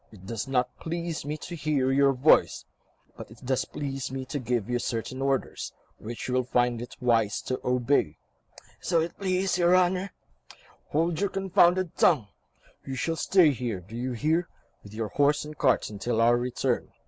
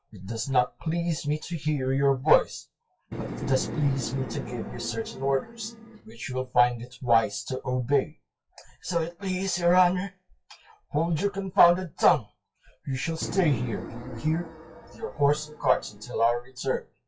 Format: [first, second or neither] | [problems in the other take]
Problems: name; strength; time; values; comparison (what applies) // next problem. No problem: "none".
first | noise reduction (classical method WPE with log-MMSE)